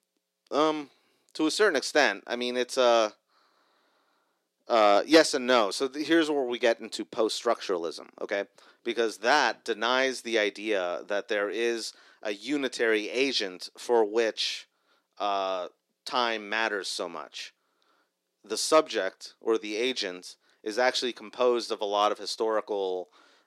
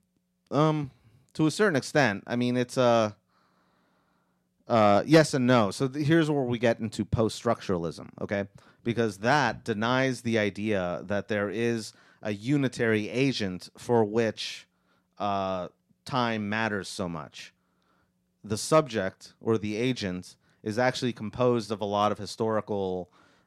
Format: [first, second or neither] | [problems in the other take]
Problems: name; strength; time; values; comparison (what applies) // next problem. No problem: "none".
second | thin; somewhat; fading below 350 Hz